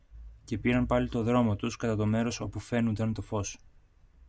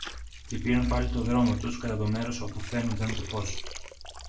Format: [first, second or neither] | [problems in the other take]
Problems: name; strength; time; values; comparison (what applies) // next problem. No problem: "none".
first | background sound (Water); 15 dB below the speech // room echo; dies away in 0.3 s